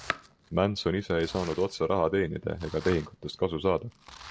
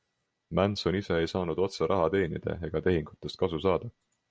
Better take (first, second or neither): second